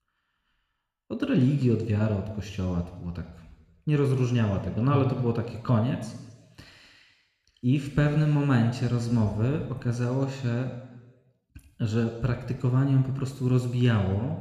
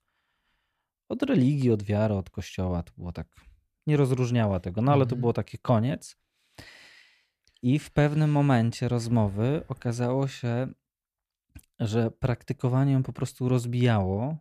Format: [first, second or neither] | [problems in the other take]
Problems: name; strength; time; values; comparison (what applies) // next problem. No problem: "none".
second | room echo; slight; dies away in 1.1 s